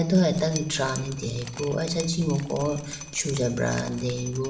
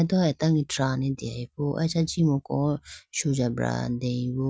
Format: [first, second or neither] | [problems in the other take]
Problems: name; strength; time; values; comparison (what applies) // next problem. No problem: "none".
second | background sound (Drip); 15 dB below the speech // room echo; dies away in 1.4 s